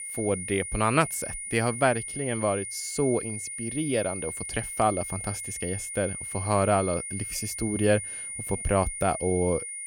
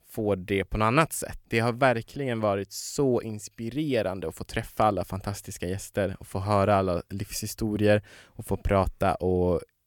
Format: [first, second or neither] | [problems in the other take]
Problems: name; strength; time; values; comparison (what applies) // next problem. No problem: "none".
second | high-pitched whine; loud; throughout; 9.5 kHz, 5 dB below the speech